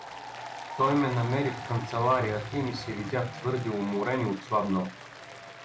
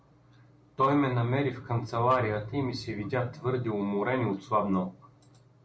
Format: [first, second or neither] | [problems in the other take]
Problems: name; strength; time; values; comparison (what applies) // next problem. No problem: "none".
second | background sound (Applause); 12 dB below the speech